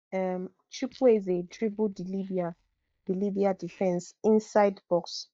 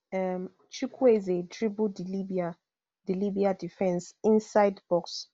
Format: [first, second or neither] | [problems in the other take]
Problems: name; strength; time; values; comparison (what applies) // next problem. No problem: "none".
second | noise reduction (neural mask model DeepFilterNet 3)